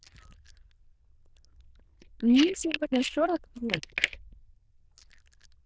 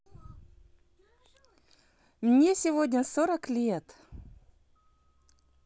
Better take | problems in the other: second | noise reduction (neural diffusion model UNIVERSE++)

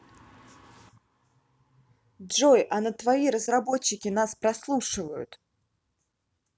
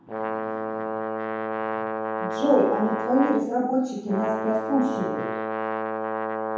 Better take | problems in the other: first | background sound (Brass instrument); 2 dB below the speech // room echo; dies away in 0.8 s

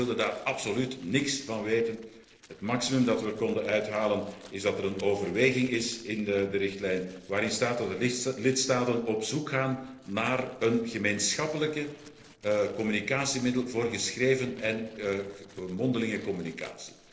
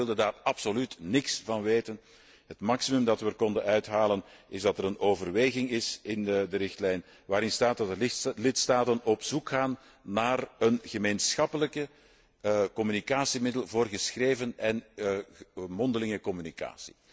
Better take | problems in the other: second | noise reduction (neural separator model SepFormer DNS4)

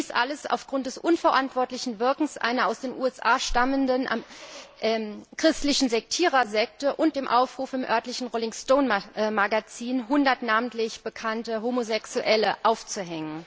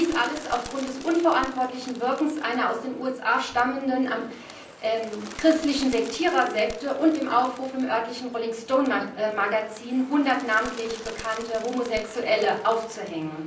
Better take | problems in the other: first | background sound (Bird); 18 dB below the speech // room echo; dies away in 0.6 s

